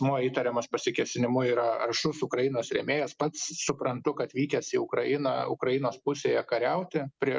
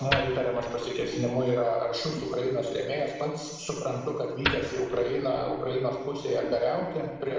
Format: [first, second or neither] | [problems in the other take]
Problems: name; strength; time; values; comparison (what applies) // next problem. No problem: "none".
first | background sound (Wood); 9 dB below the speech // room echo; dies away in 1.2 s